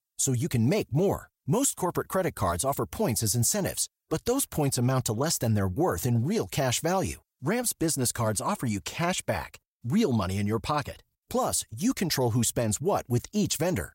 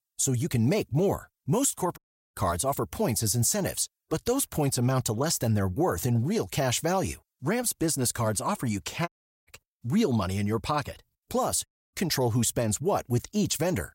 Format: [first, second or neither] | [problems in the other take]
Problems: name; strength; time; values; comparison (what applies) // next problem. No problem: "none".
first | audio cutting out; at 2 s, at 9 s and at 12 s